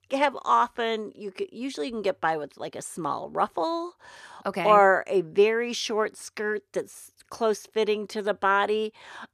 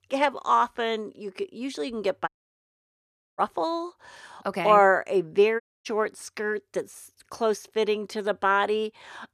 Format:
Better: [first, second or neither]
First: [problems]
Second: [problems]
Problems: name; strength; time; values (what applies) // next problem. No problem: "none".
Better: first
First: none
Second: audio cutting out; at 2.5 s for 1 s and at 5.5 s